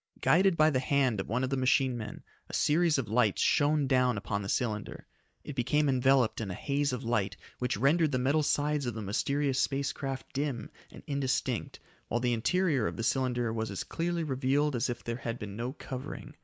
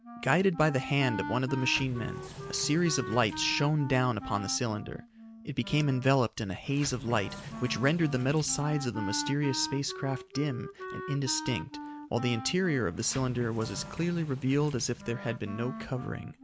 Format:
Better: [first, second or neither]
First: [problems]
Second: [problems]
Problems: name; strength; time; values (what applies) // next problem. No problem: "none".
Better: first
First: none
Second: background sound (Sliding door + Wind instrument, woodwind instrument); 11 dB below the speech